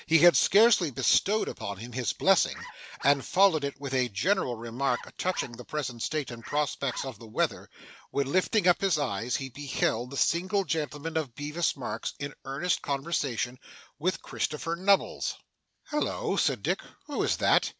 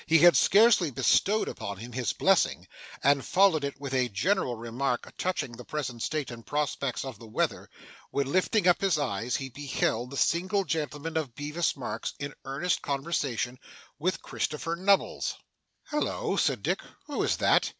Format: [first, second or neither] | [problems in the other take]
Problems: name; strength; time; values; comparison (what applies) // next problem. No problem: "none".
second | background sound (Bark); 17 dB below the speech